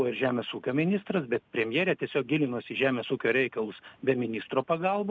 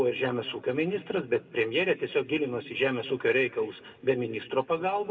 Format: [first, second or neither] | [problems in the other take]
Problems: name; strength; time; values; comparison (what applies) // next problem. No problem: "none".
first | room echo; dies away in 1.5 s